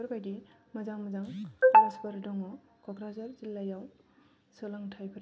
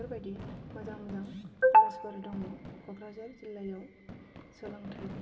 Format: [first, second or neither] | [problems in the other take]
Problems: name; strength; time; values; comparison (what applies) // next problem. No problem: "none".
first | background sound (Fireworks); 16 dB below the speech // room echo; dies away in 1.4 s